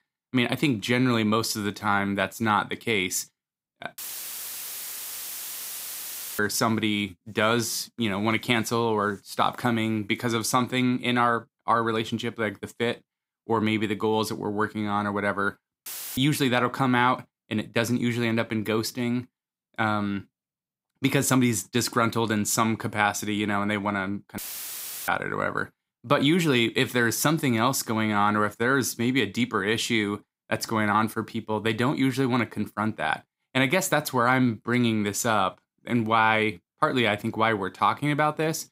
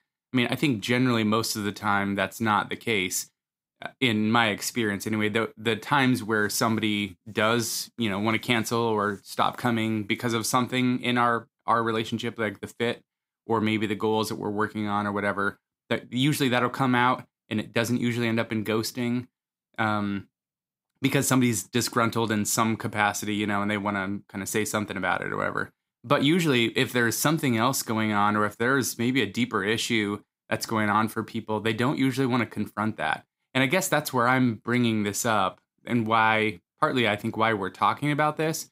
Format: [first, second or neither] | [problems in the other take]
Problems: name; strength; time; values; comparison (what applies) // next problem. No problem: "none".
second | audio cutting out; filled with static; at 4 s for 2.5 s, at 16 s and at 24 s for 0.5 s